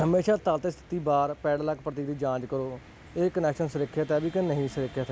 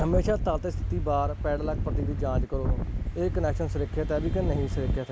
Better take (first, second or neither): first